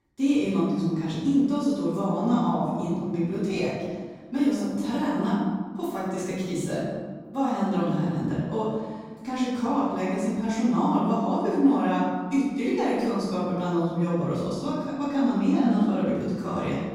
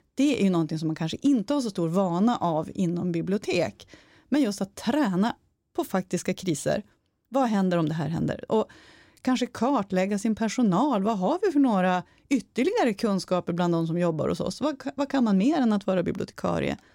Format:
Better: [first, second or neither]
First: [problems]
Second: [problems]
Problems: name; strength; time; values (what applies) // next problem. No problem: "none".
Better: second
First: off-mic speech; far // room echo; strong; dies away in 1.4 s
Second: none